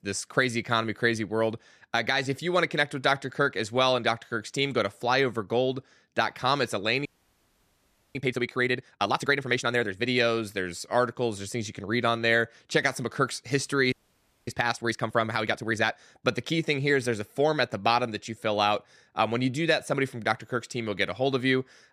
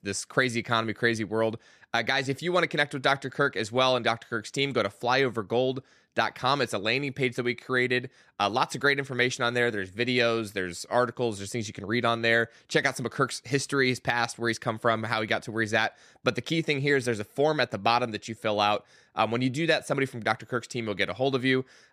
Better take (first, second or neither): second